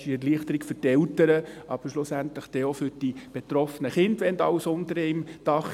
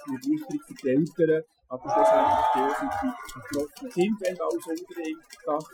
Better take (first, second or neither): first